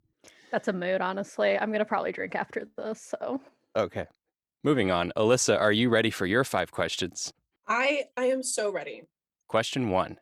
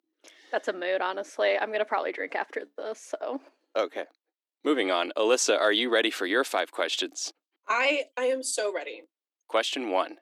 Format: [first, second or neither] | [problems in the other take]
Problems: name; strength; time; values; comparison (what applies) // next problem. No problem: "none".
first | thin; very slightly; fading below 300 Hz